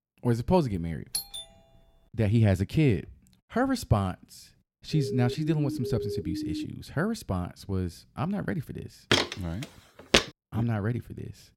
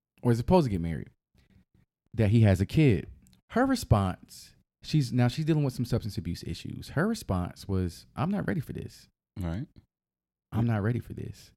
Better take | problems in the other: second | doorbell; noticeable; at 1 s; peak 3 dB below the speech // siren; noticeable; from 5 to 6.5 s; peak 4 dB below the speech // footsteps; loud; from 9 to 10 s; peak 5 dB above the speech

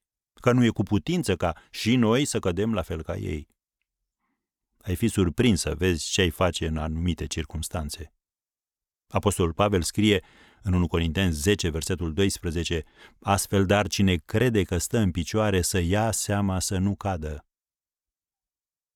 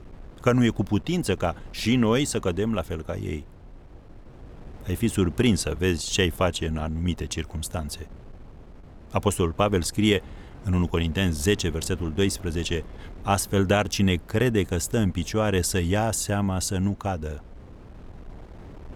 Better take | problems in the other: first | wind noise on the microphone; occasional gusts; 25 dB below the speech

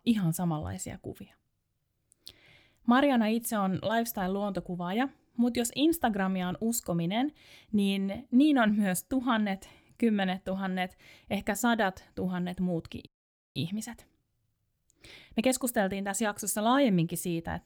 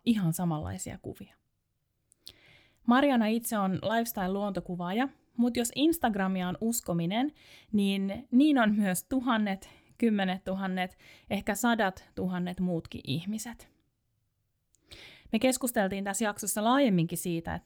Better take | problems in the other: second | audio freezing; at 13 s

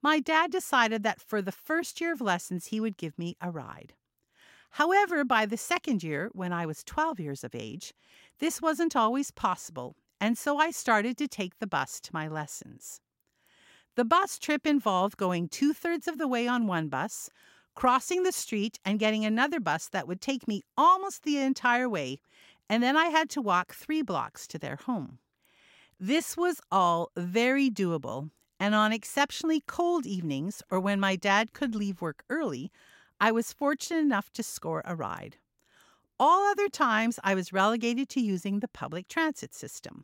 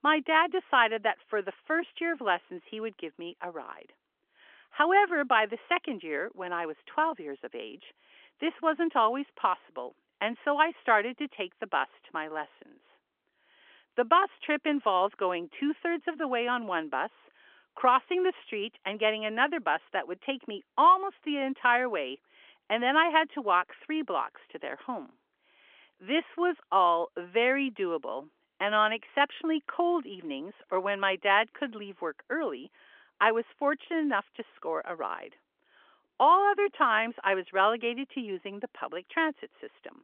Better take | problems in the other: first | phone-call audio; nothing above 3.5 kHz

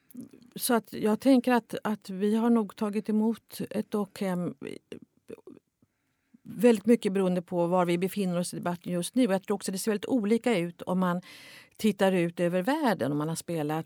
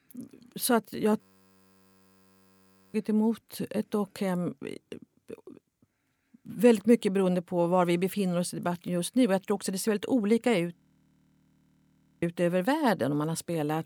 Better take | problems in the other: first | audio freezing; at 1 s for 1.5 s and at 11 s for 1.5 s

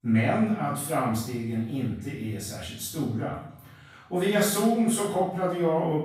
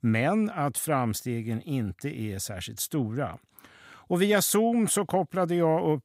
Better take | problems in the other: second | off-mic speech; far // room echo; noticeable; dies away in 0.7 s

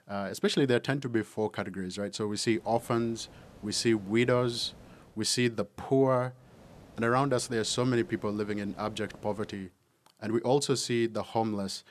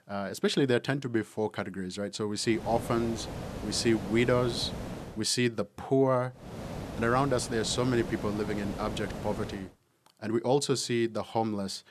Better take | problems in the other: first | hiss; loud; from 2.5 to 5 s and from 6.5 to 9.5 s; 10 dB below the speech; faint in the first

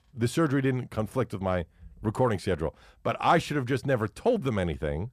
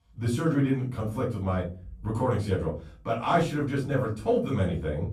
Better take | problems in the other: first | off-mic speech; far // room echo; slight; dies away in 0.3 s

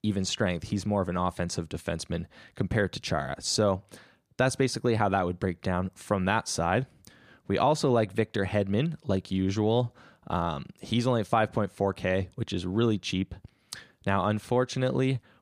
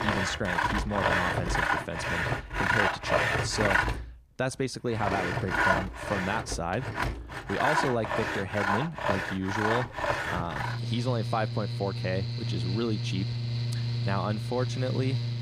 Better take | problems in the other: first | machinery noise; very loud; throughout; 3 dB above the speech

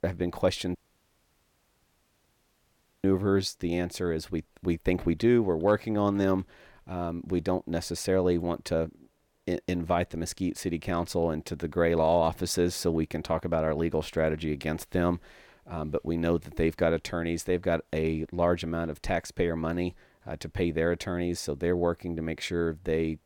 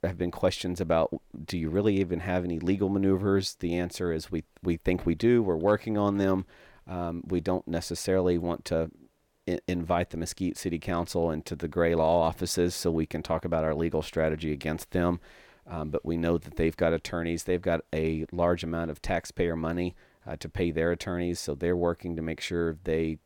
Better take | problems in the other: second | audio cutting out; at 1 s for 2.5 s

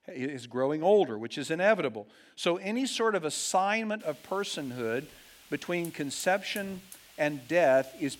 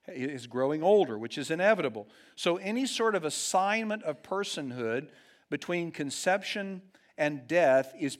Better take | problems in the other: second | hiss; faint; from 4 s on; 20 dB below the speech

